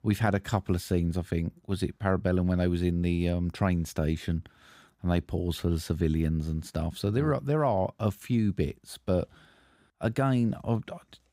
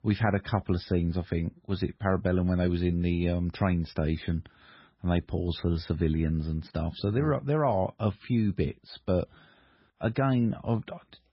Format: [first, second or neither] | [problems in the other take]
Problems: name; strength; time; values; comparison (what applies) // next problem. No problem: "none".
first | garbled, watery; badly; nothing above 5.5 kHz